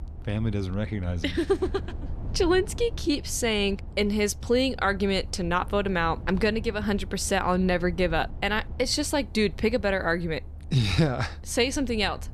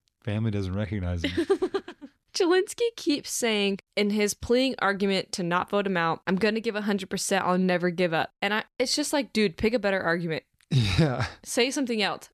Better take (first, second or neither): second